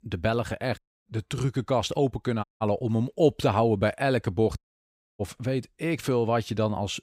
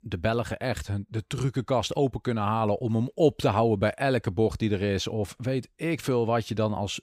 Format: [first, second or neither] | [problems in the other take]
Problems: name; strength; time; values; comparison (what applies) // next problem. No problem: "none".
second | audio cutting out; at 1 s, at 2.5 s and at 4.5 s for 0.5 s